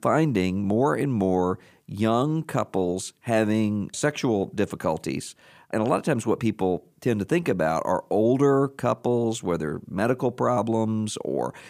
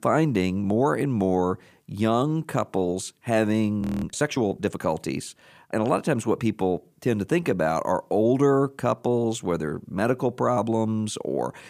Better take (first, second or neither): first